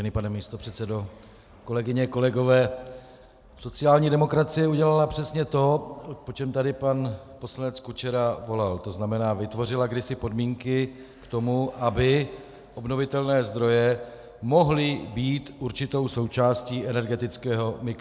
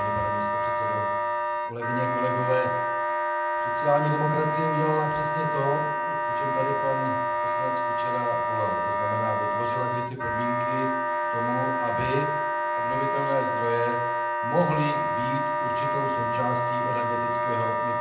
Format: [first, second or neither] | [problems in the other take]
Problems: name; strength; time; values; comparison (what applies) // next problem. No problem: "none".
first | background sound (Wind instrument, woodwind instrument); 4 dB above the speech // room echo; dies away in 0.6 s